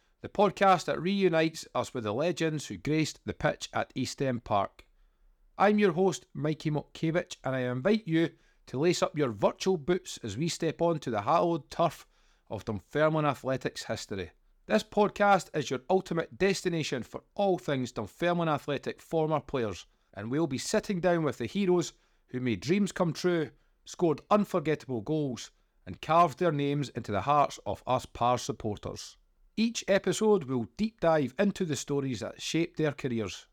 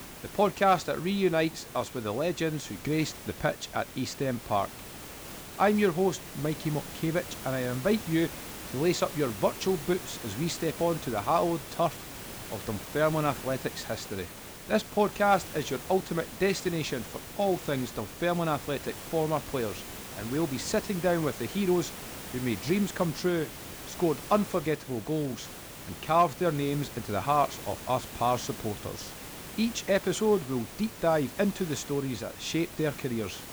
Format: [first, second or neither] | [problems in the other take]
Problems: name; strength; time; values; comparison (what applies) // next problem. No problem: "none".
first | hiss; noticeable; throughout; 10 dB below the speech